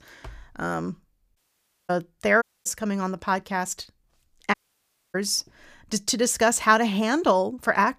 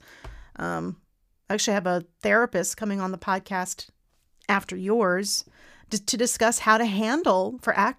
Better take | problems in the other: second | audio cutting out; at 1.5 s for 0.5 s, at 2.5 s and at 4.5 s for 0.5 s

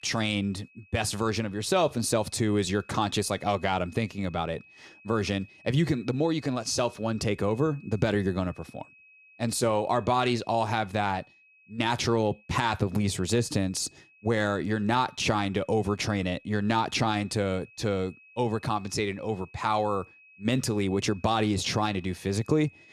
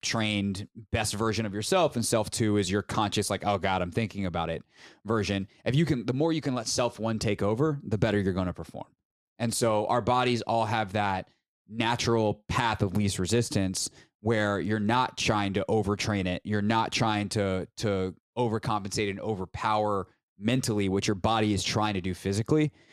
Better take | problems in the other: second | high-pitched whine; faint; throughout; 2.5 kHz, 25 dB below the speech

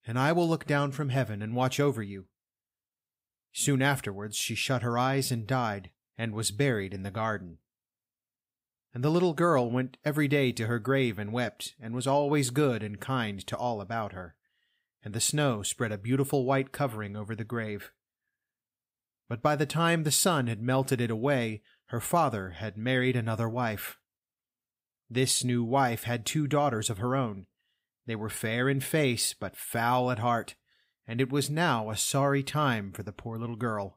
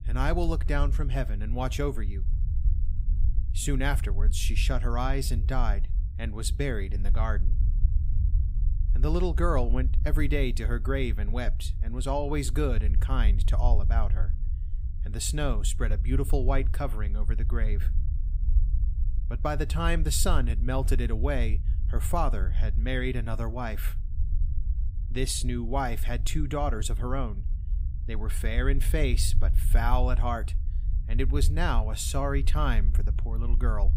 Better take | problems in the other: first | low rumble; noticeable; throughout; 15 dB below the speech

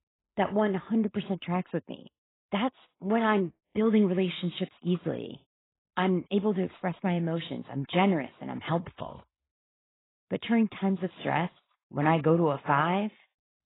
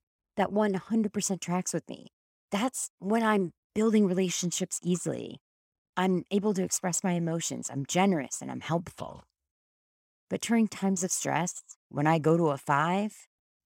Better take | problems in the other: second | garbled, watery; badly; nothing above 4 kHz

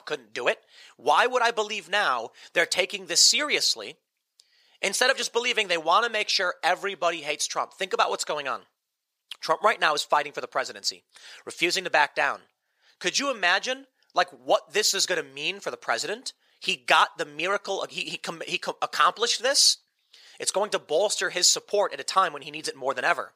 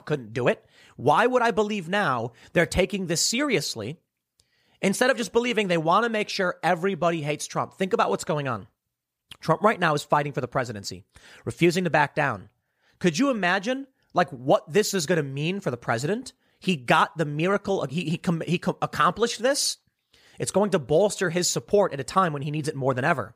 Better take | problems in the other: second | thin; very; fading below 550 Hz

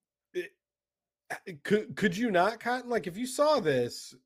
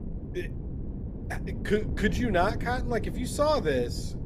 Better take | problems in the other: first | wind noise on the microphone; occasional gusts; 15 dB below the speech

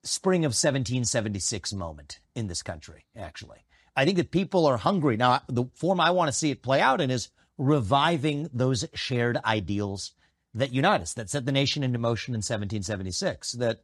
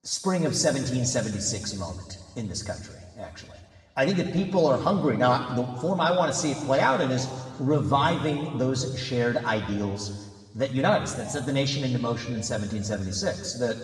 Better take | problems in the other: first | room echo; noticeable; dies away in 1.5 s // off-mic speech; far

